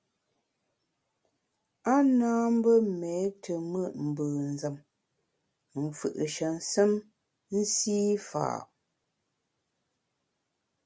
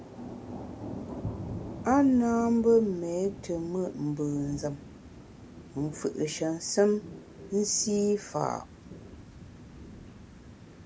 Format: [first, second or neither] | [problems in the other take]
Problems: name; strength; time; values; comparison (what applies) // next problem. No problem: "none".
first | background sound (Thunder / Rain); 13 dB below the speech